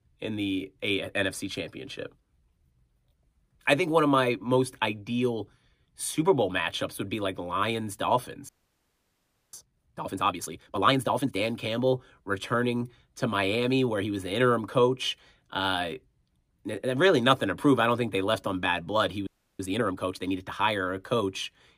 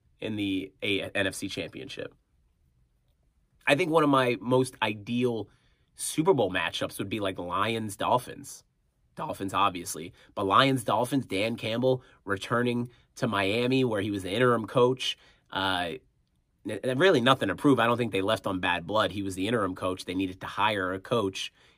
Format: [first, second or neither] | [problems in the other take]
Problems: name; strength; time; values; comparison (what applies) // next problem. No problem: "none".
second | audio freezing; at 8.5 s for 1 s and at 19 s